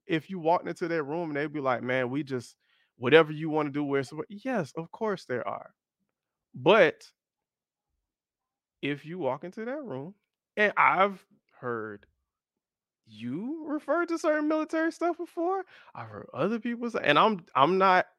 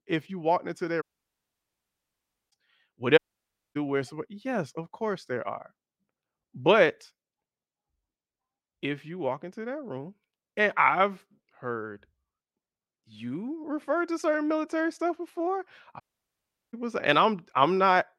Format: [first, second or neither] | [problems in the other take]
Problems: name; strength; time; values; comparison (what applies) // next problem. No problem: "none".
first | audio cutting out; at 1 s for 1.5 s, at 3 s for 0.5 s and at 16 s for 0.5 s